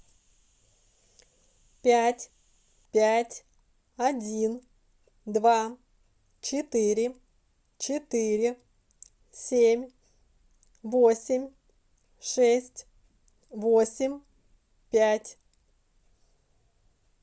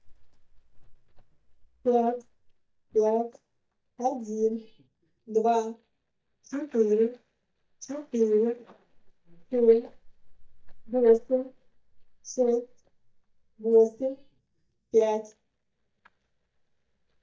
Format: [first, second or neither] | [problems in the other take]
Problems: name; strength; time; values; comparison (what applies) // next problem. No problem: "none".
first | noise reduction (neural mask model DeepFilterNet 3)